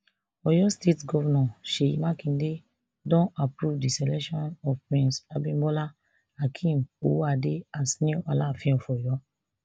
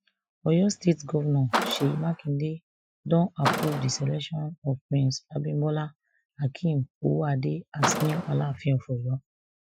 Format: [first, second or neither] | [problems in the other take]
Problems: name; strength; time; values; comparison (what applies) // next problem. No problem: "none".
first | noise reduction (classical method Wiener filter)